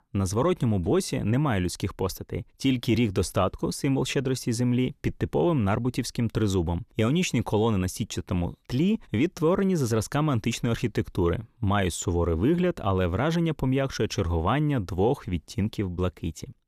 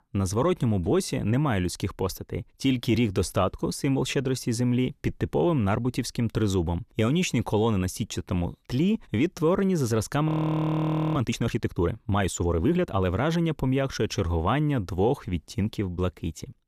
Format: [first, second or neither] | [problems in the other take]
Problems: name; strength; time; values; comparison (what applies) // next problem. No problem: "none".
first | audio freezing; at 10 s for 1 s